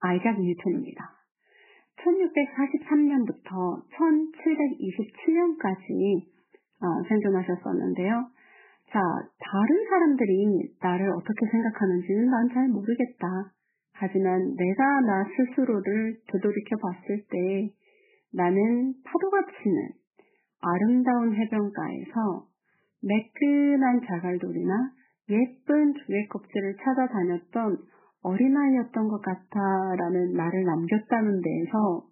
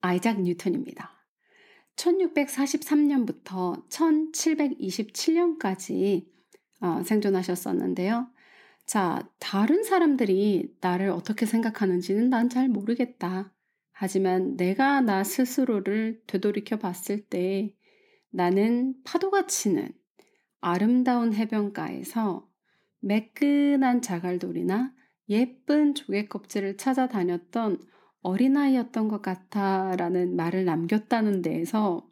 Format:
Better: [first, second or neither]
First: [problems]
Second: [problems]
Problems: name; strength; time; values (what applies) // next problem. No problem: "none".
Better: second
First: garbled, watery; badly; nothing above 3 kHz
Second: none